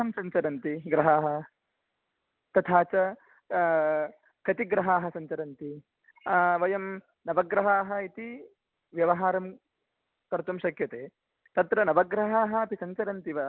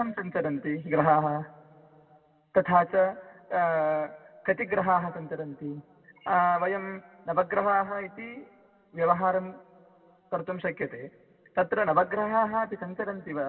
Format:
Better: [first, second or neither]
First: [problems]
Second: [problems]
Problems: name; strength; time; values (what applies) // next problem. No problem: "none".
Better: first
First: none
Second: room echo; dies away in 2.2 s